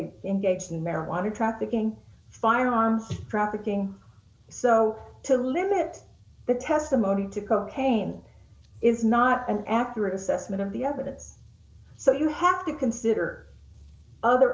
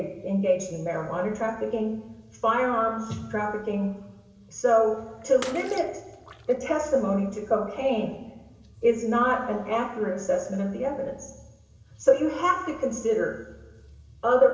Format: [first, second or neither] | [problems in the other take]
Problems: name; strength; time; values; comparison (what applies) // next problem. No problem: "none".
first | background sound (Bathtub (filling or washing) / Water / Splash, splatter); 17 dB below the speech // room echo; dies away in 1.2 s